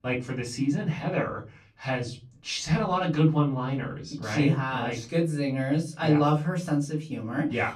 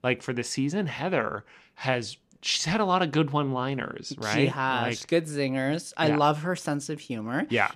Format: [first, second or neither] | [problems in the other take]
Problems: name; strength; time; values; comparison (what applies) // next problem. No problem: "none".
second | off-mic speech; far // room echo; very slight; dies away in 0.4 s